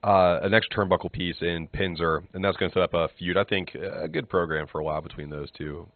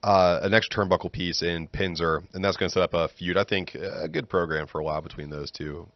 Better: second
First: garbled, watery; badly; nothing above 4 kHz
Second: garbled, watery; slightly; nothing above 6 kHz

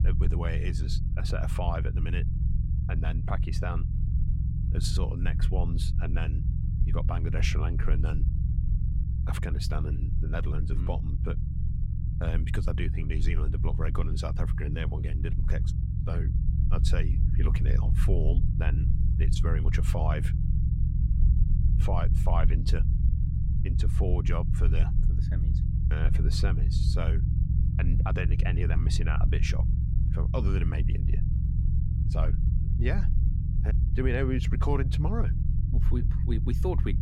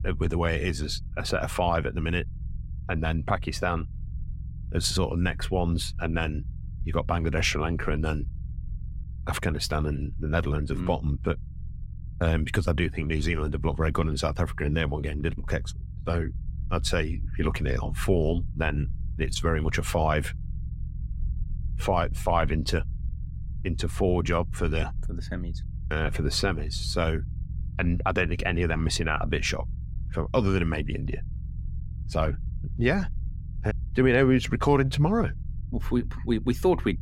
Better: second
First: low rumble; loud; throughout; 5 dB below the speech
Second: low rumble; faint; throughout; 25 dB below the speech

